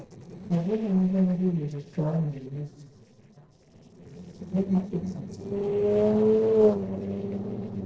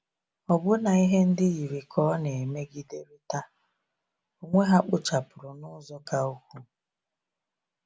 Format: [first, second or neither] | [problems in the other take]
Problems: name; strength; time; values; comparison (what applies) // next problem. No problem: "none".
second | noise reduction (neural separator model SepFormer DNS4)